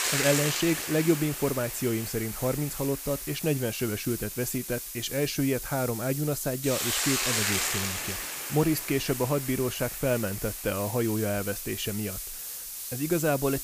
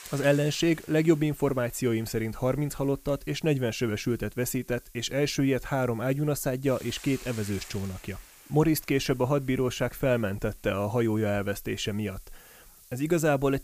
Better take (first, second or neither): second